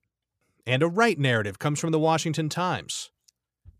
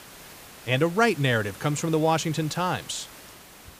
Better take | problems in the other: first | hiss; noticeable; throughout; 20 dB below the speech

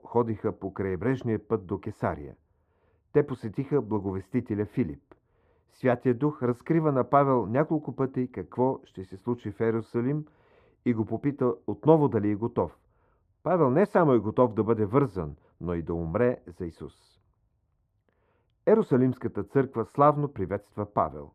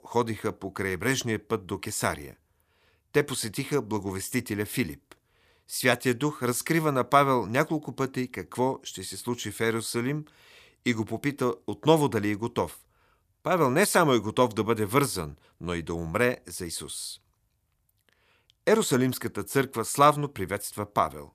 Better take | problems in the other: second | muffled; very; fading above 2.5 kHz

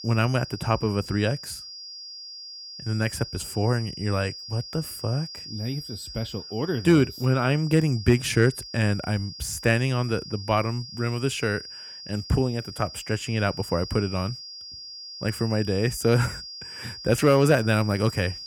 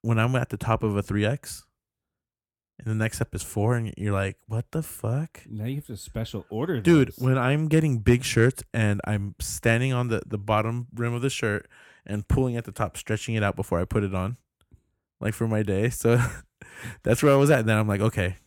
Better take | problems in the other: second | high-pitched whine; noticeable; throughout; 5 kHz, 10 dB below the speech

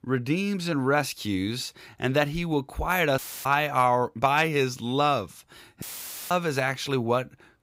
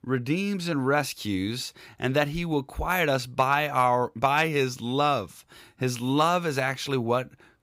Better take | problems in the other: second | audio cutting out; filled with static; at 3 s and at 6 s

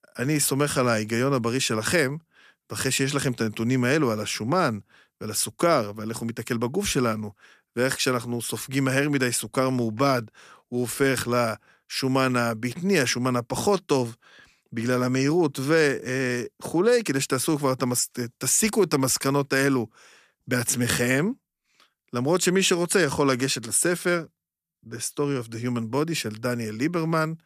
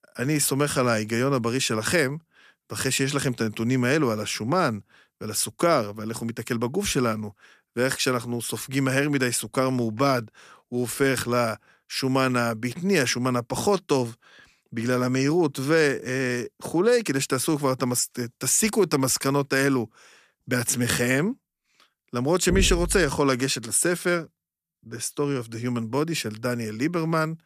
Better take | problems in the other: first | door banging; noticeable; at 22 s; peak 4 dB below the speech

